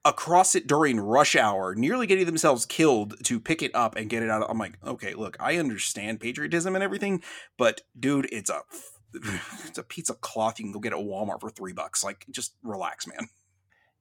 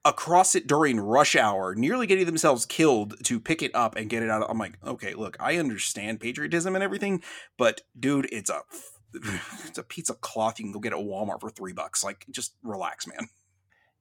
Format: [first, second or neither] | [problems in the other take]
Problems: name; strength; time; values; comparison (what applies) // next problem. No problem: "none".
neither | none